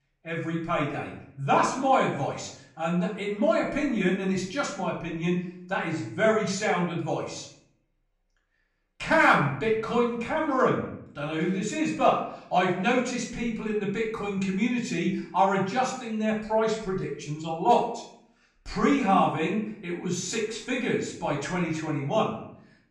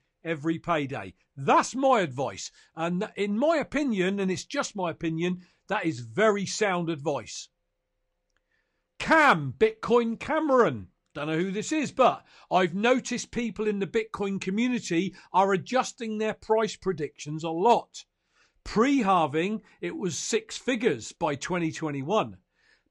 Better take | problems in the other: second | room echo; noticeable; dies away in 0.6 s // off-mic speech; far

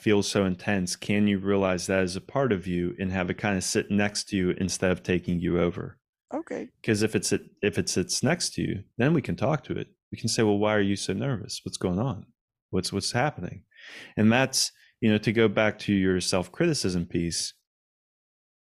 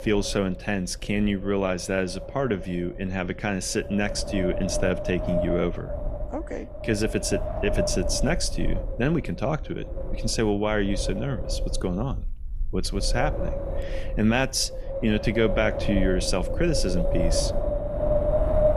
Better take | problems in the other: first | wind noise on the microphone; heavy; 3 dB below the speech

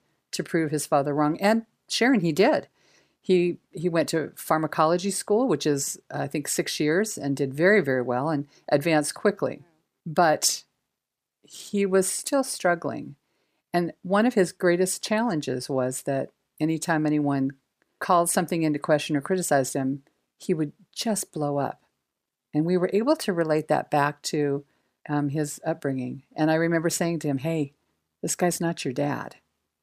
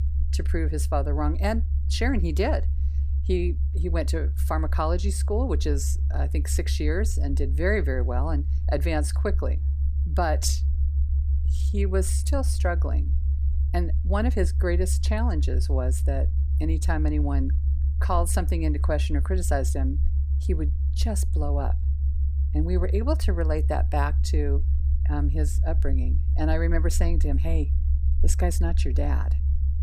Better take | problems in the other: first | low rumble; noticeable; throughout; 15 dB below the speech

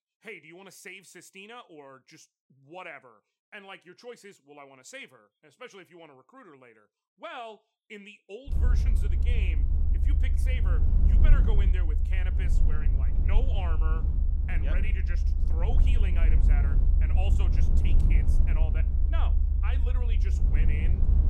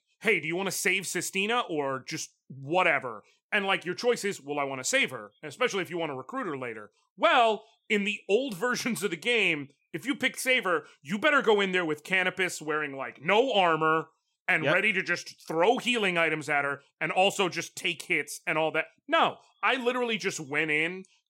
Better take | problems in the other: second | low rumble; loud; from 8.5 s on; 2 dB below the speech

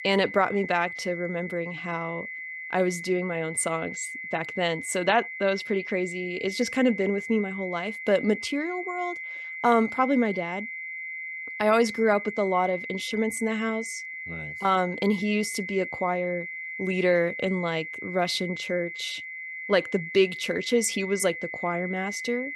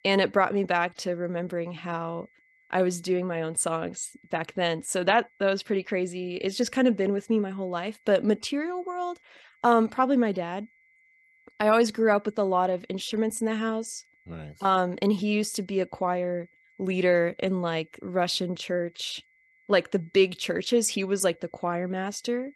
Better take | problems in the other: second | high-pitched whine; loud; throughout; 2 kHz, 8 dB below the speech; faint in the second

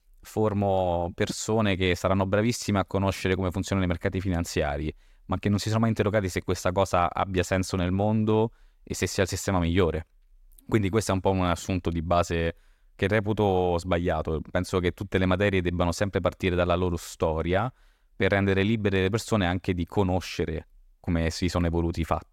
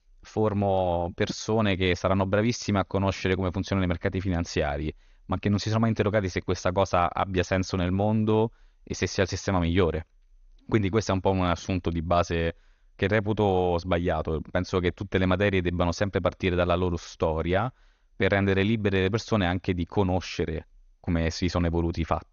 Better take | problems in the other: first | garbled, watery; slightly; nothing above 6.5 kHz

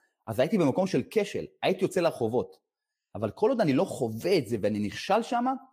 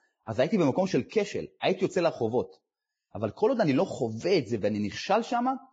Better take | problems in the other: first | garbled, watery; badly; nothing above 7.5 kHz; slightly in the first

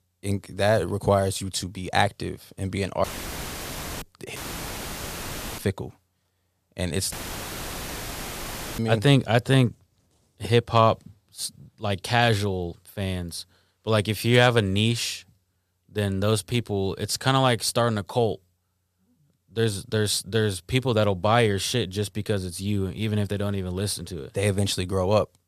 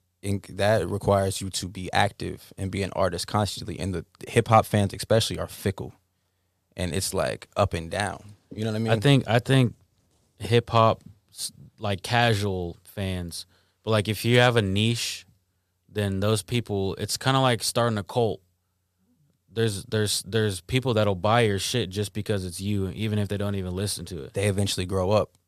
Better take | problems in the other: second | audio cutting out; filled with static; at 3 s for 1 s, at 4.5 s for 1 s and at 7 s for 1.5 s

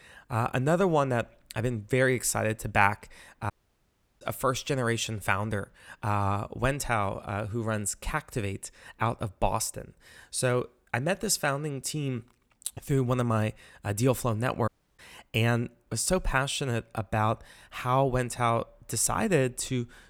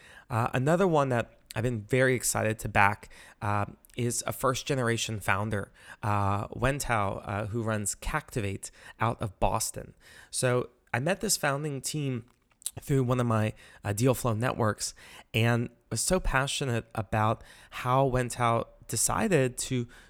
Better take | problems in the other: second | audio cutting out; at 3.5 s for 0.5 s and at 15 s

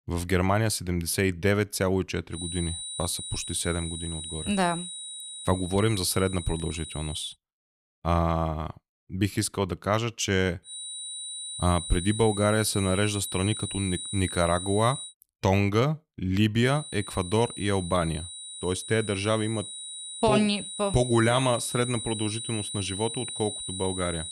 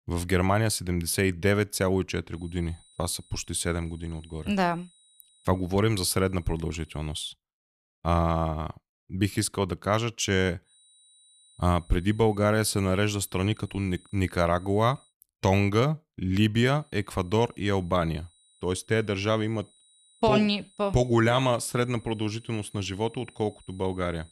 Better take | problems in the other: second | high-pitched whine; loud; from 2.5 to 7.5 s, from 11 to 15 s and from 17 s on; 4 kHz, 7 dB below the speech; faint in the second

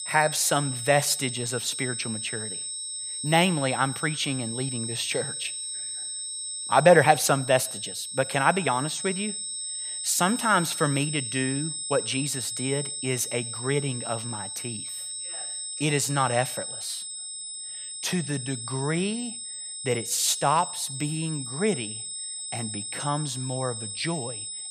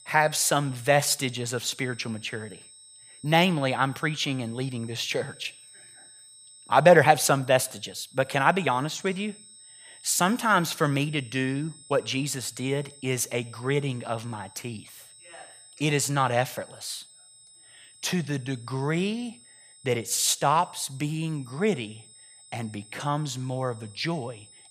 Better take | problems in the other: second | high-pitched whine; loud; throughout; 8 kHz, 5 dB below the speech; faint in the second

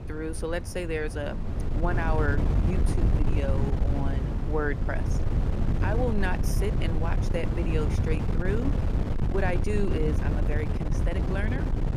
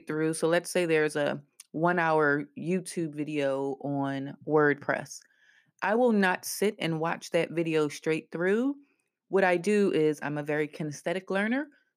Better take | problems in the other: second | wind noise on the microphone; heavy; 4 dB below the speech

